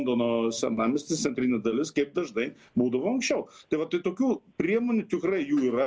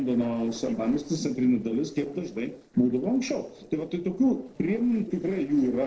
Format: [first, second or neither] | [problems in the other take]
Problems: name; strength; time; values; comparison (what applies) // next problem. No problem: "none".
first | noise reduction (neural separator model SepFormer DNS4)